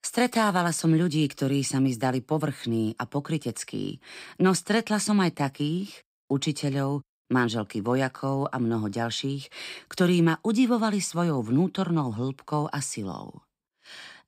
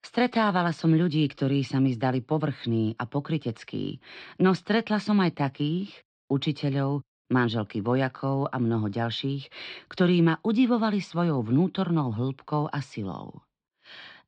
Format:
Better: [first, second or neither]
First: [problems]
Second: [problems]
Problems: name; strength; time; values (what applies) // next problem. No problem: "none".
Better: first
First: none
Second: muffled; very slightly; fading above 4 kHz